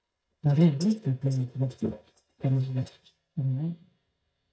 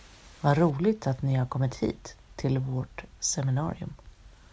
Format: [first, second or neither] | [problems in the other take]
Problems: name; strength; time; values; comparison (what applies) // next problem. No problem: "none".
second | noise reduction (neural mask model DeepFilterNet 3)